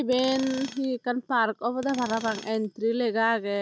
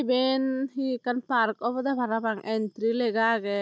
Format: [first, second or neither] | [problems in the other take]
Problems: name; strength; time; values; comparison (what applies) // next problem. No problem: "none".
second | background sound (Tools); 17 dB below the speech